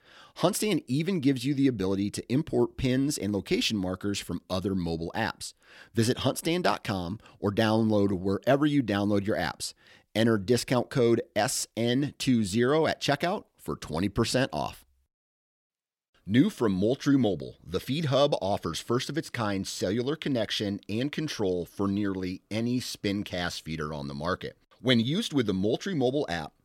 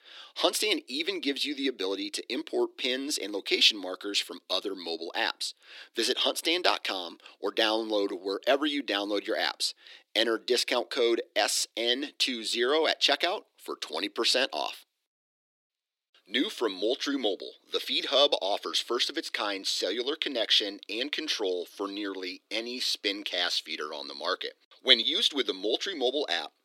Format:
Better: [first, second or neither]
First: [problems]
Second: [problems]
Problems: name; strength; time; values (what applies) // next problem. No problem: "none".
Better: first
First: none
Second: thin; somewhat; fading below 300 Hz